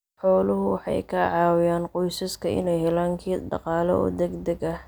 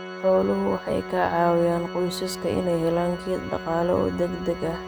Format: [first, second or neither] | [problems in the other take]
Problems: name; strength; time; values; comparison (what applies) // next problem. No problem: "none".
first | background sound (Organ); 12 dB below the speech